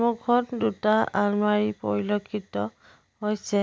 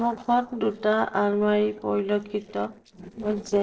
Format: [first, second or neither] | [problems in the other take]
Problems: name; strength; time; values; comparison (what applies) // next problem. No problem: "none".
first | noise reduction (neural separator model SepFormer DNS4)